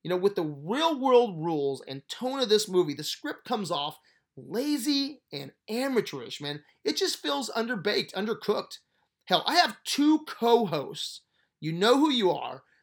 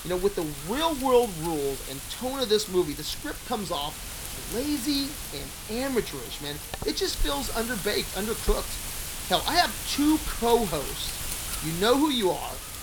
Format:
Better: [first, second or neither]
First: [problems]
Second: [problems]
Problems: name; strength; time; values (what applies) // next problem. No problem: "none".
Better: first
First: none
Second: wind noise on the microphone; heavy; 9 dB below the speech